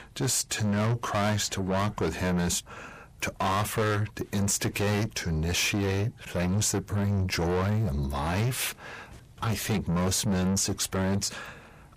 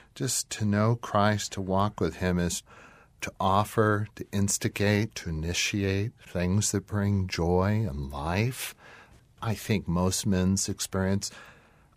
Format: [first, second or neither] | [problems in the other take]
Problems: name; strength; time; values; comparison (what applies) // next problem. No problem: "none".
second | distortion; heavy; 5 dB below the speech